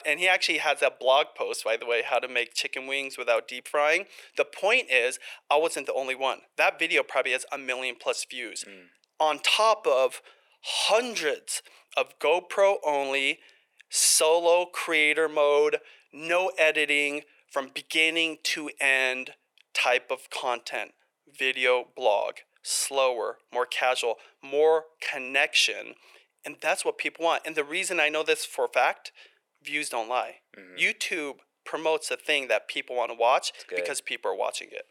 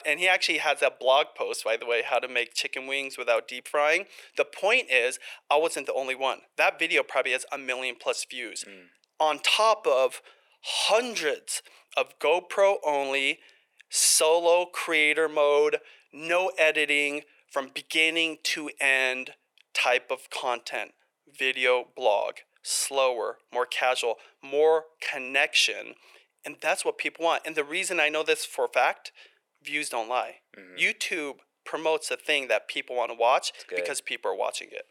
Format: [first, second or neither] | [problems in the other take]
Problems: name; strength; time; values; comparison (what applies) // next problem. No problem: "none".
neither | thin; very; fading below 450 Hz; the same in both